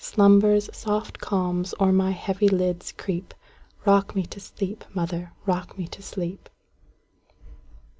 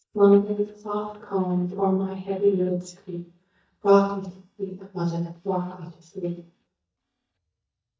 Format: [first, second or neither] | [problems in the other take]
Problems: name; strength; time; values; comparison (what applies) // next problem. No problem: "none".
first | noise reduction (neural mask model DeepFilterNet 3)